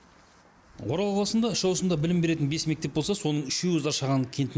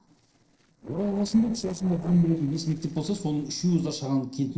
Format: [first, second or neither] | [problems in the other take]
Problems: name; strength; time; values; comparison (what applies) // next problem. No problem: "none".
first | noise reduction (neural separator model SepFormer DNS4)